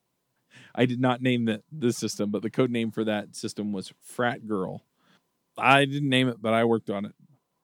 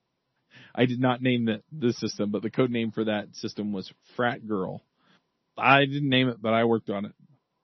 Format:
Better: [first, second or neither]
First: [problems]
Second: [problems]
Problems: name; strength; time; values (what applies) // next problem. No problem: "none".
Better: first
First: none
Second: garbled, watery; slightly; nothing above 6 kHz